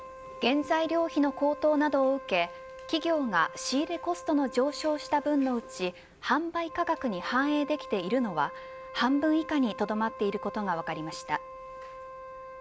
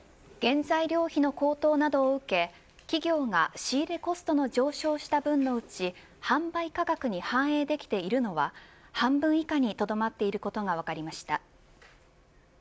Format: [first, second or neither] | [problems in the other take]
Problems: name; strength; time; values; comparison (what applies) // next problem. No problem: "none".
second | background sound (Wind instrument, woodwind instrument); 15 dB below the speech